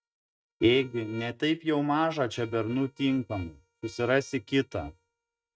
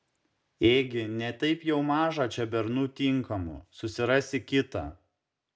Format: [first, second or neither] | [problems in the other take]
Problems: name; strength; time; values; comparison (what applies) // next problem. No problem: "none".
second | noise reduction (neural mask model RNNoise)